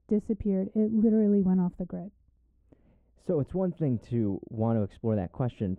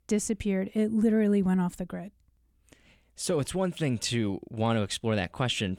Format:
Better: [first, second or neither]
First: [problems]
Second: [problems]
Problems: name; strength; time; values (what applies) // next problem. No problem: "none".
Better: second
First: muffled; very; fading above 1.5 kHz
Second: none